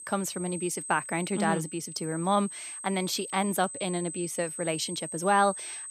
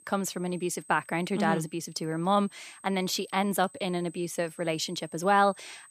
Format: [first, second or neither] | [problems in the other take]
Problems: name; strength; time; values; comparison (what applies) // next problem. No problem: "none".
second | high-pitched whine; loud; throughout; 8.5 kHz, 8 dB below the speech; faint in the second